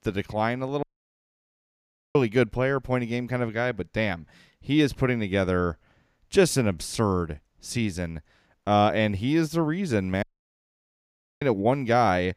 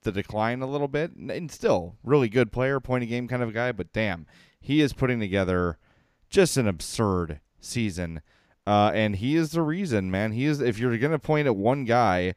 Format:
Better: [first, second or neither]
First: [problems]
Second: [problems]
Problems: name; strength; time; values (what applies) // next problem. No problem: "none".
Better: second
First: audio cutting out; at 1 s for 1.5 s and at 10 s for 1 s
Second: none